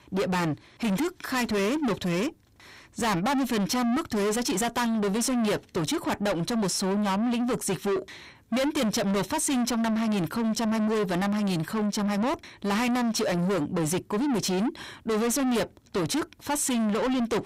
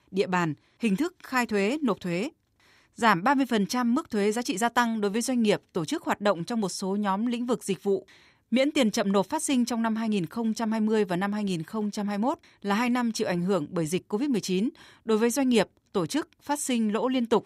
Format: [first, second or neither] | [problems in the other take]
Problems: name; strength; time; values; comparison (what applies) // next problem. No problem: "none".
second | distortion; heavy; 6 dB below the speech